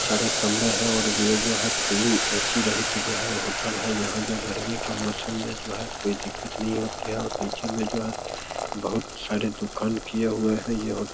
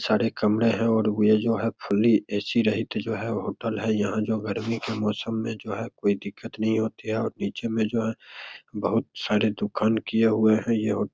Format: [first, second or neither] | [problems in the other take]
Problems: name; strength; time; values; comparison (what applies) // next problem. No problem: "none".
second | background sound (Boiling); 1 dB below the speech